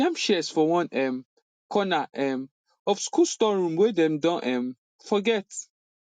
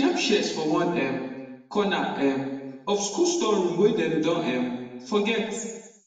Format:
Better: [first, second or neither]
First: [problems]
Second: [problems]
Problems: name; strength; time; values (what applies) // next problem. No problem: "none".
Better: first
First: none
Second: room echo; dies away in 1.2 s